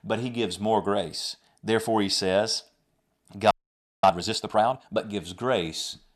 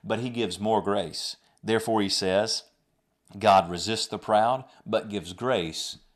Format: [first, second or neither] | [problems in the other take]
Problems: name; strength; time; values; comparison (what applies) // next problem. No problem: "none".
second | audio freezing; at 3.5 s for 0.5 s